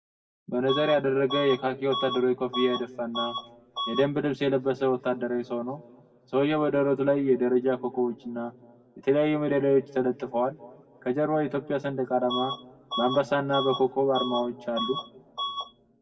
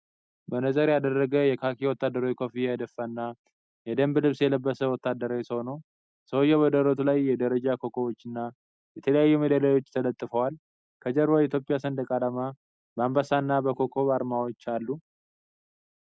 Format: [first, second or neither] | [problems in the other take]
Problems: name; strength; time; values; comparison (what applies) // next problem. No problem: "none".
second | background sound (Bus / Alarm); 8 dB below the speech // room echo; dies away in 1.5 s